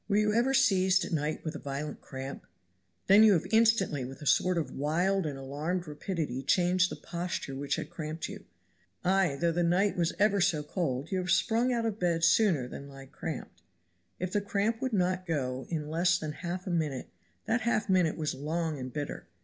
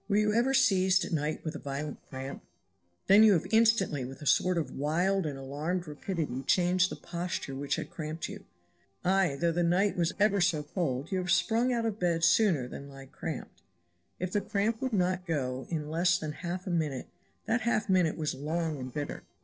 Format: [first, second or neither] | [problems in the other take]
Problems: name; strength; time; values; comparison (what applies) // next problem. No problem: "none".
first | noise reduction (neural separator model SepFormer DNS4)